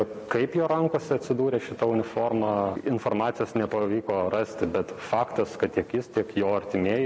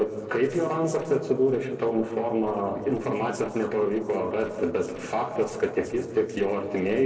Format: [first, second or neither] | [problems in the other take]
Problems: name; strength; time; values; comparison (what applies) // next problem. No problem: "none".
first | noise reduction (neural separator model SepFormer DNS4)